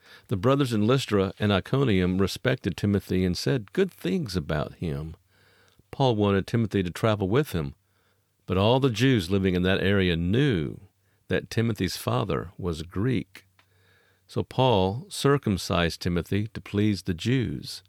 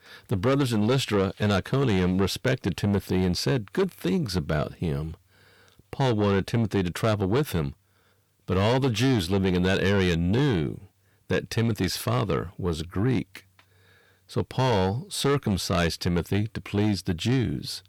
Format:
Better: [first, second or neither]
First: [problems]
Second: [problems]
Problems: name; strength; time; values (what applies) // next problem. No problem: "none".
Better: first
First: none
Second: distortion; slight; 10 dB below the speech